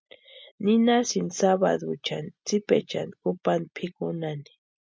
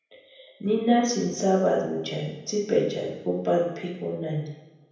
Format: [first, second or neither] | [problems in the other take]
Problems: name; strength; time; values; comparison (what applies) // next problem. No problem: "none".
first | room echo; dies away in 0.9 s